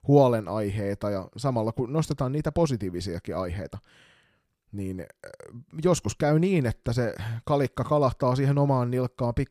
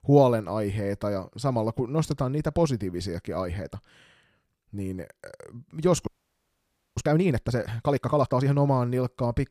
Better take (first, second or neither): first